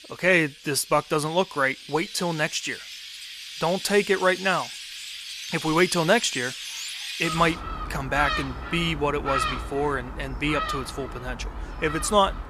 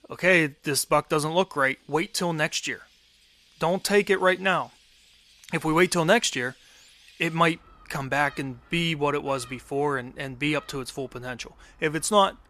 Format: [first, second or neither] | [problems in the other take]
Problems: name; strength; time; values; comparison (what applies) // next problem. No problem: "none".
second | animal sounds; loud; throughout; 8 dB below the speech; faint in the second